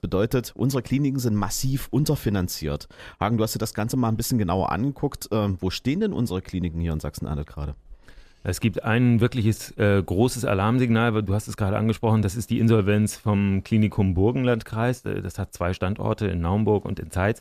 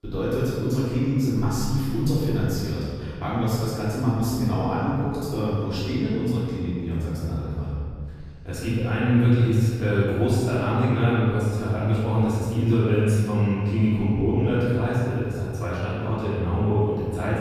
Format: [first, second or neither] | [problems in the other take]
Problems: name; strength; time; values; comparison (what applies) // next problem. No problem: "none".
first | off-mic speech; far // room echo; strong; dies away in 2.3 s